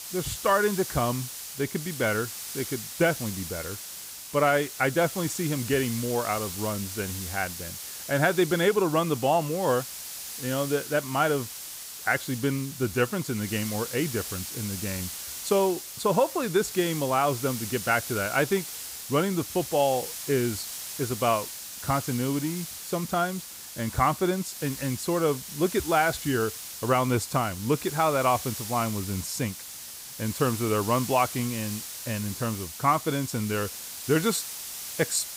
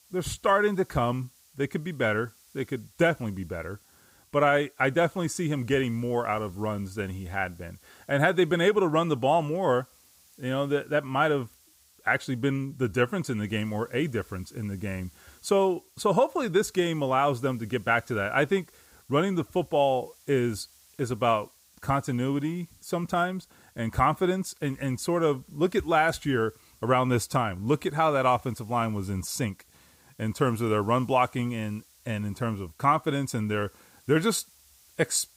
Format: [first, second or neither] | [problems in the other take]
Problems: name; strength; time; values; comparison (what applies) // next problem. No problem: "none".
second | hiss; loud; throughout; 8 dB below the speech; faint in the second